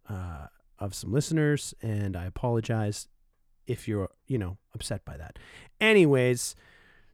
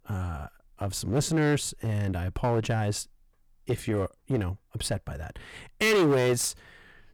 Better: first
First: none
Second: distortion; heavy; 9% of the sound clipped

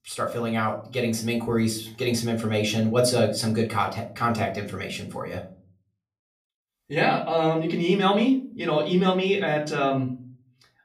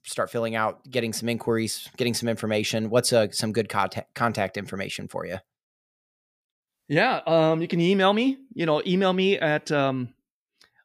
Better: second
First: off-mic speech; far // room echo; very slight; dies away in 0.4 s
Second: none

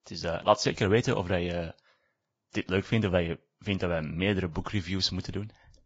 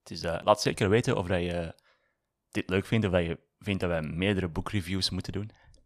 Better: second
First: garbled, watery; badly; nothing above 7.5 kHz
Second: none

